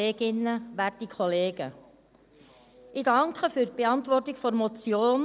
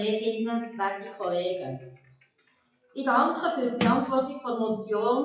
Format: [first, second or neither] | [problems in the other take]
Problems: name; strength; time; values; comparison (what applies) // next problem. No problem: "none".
first | noise reduction (classical method WPE with log-MMSE)